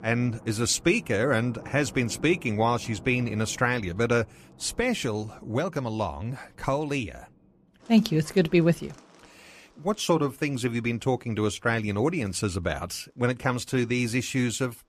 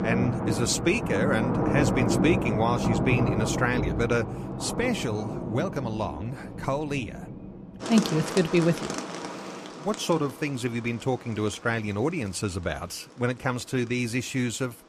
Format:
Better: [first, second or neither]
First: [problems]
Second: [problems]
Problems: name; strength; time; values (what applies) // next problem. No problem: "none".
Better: first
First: rain or running water; faint; throughout; 20 dB below the speech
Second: rain or running water; loud; throughout; 2 dB below the speech